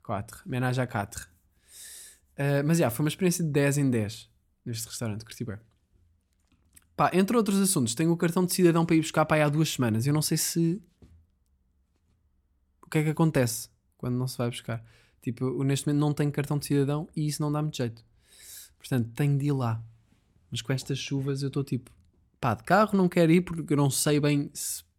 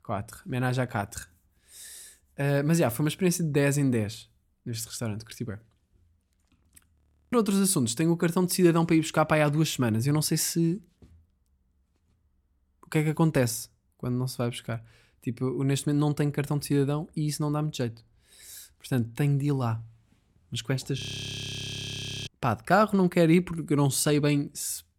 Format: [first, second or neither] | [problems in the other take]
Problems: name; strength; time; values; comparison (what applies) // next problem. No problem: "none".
first | audio freezing; at 7 s and at 21 s for 1.5 s